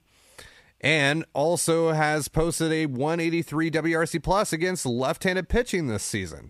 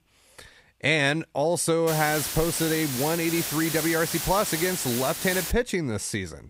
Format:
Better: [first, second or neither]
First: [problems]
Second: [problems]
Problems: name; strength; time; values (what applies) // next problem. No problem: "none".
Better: first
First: none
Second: hiss; loud; from 2 to 5.5 s; 4 dB below the speech